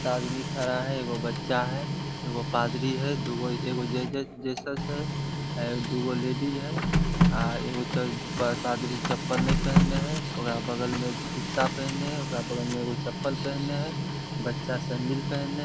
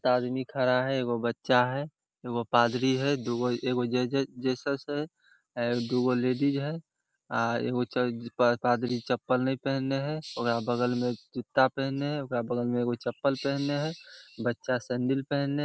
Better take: second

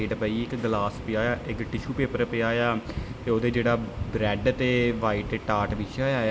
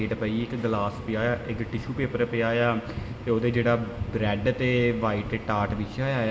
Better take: first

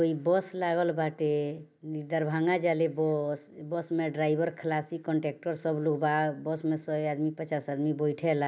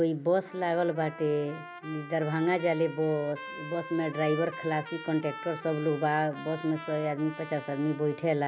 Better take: first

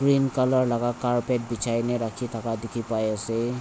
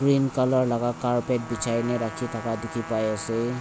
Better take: first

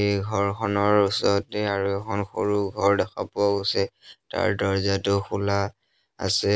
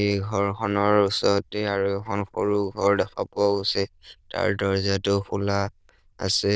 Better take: first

